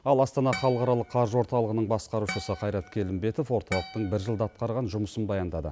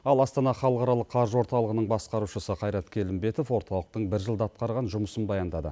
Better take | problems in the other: second | background sound (Harp); 15 dB below the speech

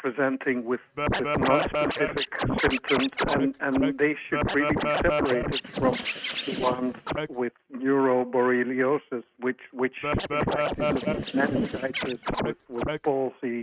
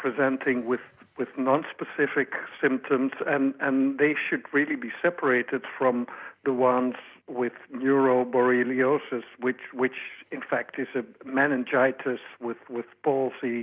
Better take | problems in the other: second | noise reduction (neural mask model RNNoise)

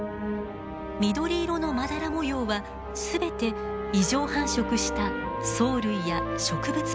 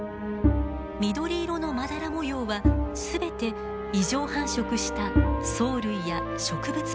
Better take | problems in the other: first | background sound (Bowed string instrument); 1 dB below the speech

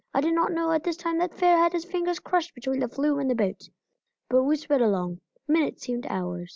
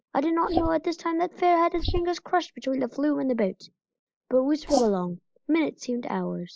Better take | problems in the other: first | noise reduction (neural mask model Resemble Enhance denoiser)

